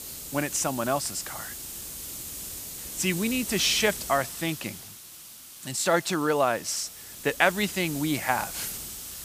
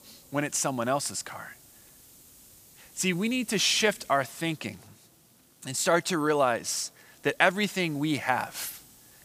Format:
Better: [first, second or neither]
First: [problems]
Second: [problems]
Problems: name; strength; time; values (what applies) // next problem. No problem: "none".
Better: second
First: hiss; loud; throughout; 9 dB below the speech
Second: hiss; faint; throughout; 25 dB below the speech